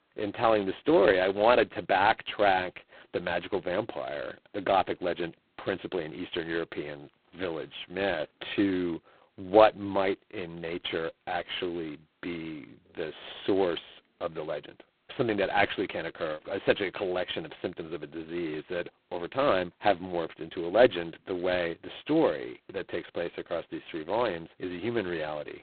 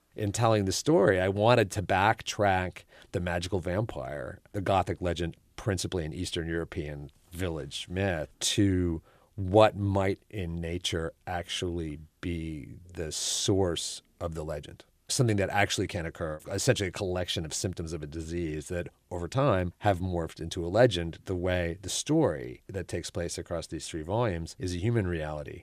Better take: second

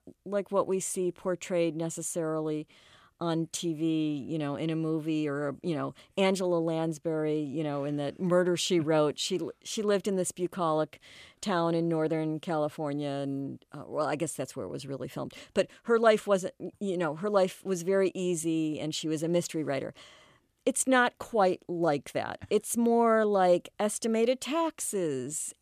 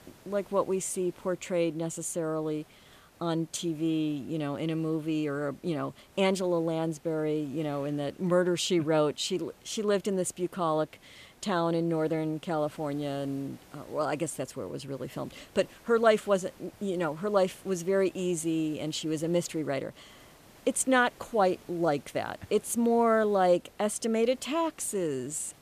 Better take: first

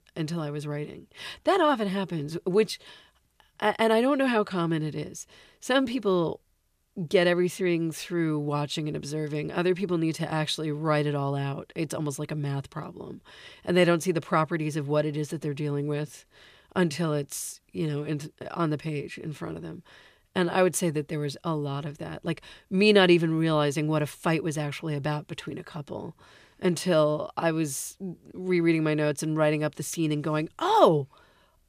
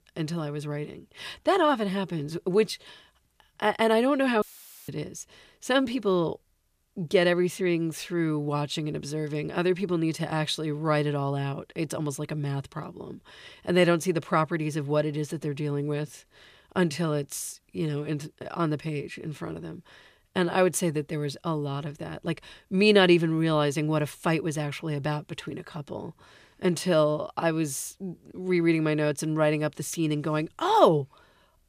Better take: first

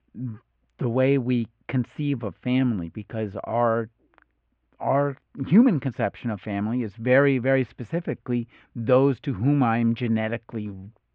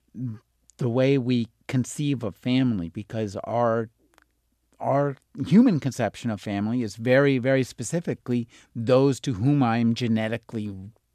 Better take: second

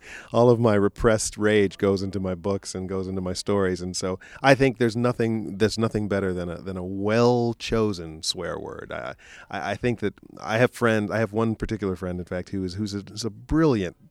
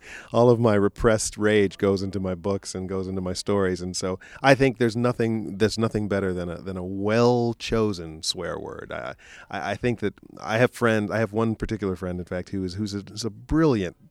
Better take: neither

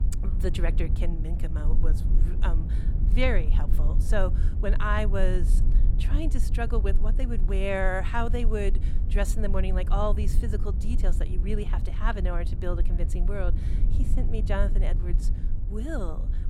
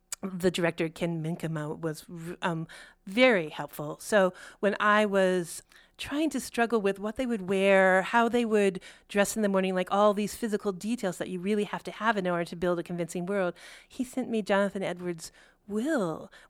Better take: second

